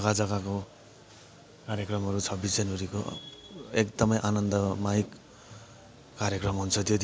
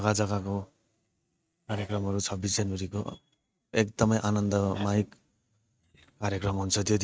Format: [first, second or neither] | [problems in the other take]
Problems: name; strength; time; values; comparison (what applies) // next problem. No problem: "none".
first | noise reduction (neural mask model RNNoise)